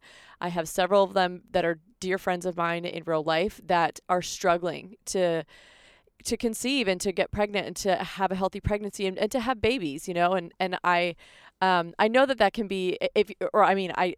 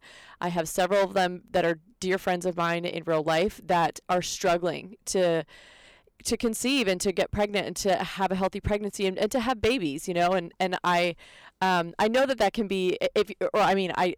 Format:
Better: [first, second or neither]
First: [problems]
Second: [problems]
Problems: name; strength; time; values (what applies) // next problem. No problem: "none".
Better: first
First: none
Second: distortion; slight; 6% of the sound clipped